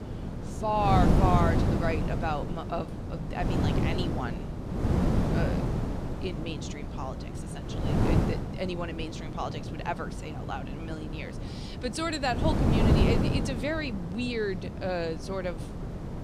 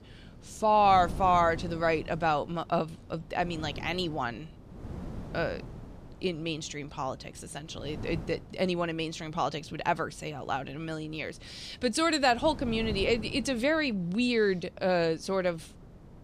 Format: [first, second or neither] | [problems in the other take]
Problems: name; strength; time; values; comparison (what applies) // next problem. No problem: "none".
second | wind noise on the microphone; heavy; 3 dB below the speech; occasional gusts in the second